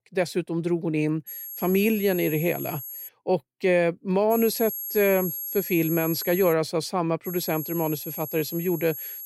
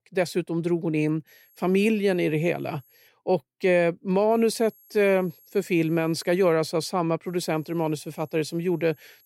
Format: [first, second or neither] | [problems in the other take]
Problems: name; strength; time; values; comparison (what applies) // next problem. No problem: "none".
second | high-pitched whine; loud; from 1.5 to 3 s, from 4.5 to 6.5 s and from 7.5 s on; 11.5 kHz, 7 dB below the speech; faint in the second